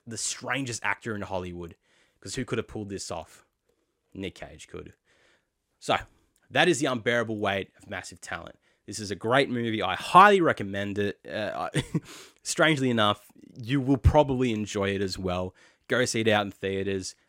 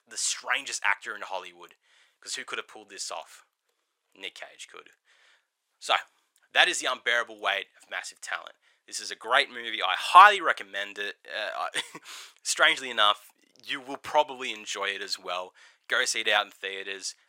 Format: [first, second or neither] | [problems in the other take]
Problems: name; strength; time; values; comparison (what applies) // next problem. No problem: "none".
first | thin; very; fading below 950 Hz